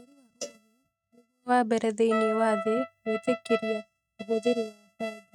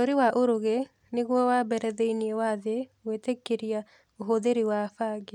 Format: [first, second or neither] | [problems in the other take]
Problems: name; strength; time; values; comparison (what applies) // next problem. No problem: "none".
second | noise reduction (neural mask model RNNoise)